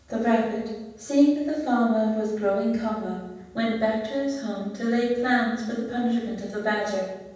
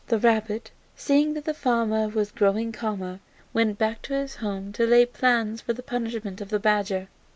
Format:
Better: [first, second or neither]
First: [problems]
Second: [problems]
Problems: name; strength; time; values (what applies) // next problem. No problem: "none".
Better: second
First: room echo; dies away in 1.2 s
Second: none